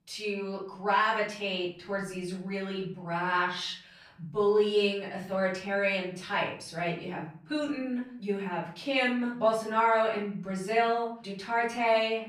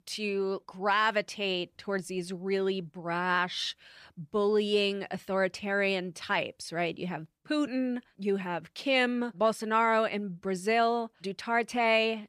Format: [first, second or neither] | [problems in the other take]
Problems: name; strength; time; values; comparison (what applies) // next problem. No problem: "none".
second | off-mic speech; far // room echo; noticeable; dies away in 0.5 s